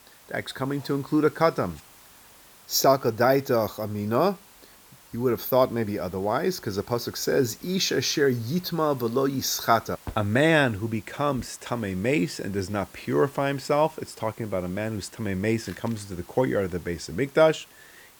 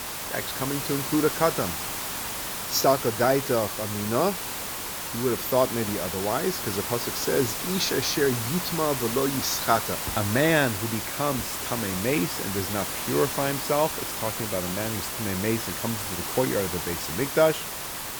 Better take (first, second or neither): first